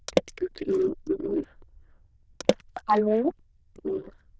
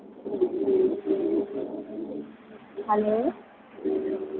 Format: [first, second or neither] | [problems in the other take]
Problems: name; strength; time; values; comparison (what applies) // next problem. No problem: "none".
second | noise reduction (neural diffusion model UNIVERSE++)